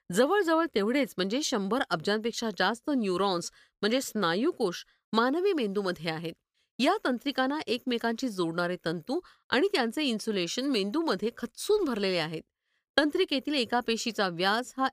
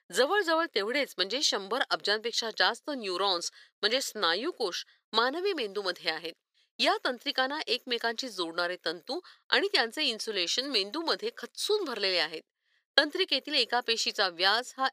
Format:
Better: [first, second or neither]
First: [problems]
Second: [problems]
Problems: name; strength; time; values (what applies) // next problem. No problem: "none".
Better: first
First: none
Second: thin; somewhat; fading below 500 Hz